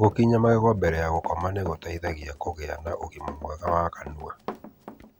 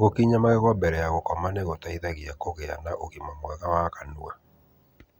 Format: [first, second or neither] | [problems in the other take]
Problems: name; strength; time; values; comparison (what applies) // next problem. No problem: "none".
second | background sound (Run); 16 dB below the speech